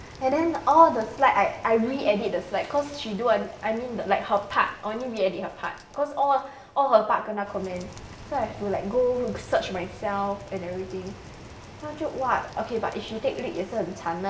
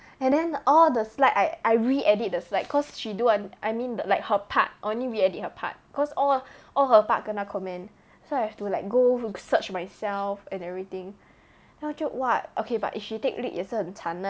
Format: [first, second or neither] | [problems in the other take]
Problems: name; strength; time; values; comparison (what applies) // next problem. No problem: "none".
second | background sound (Rain); 18 dB below the speech // room echo; dies away in 1 s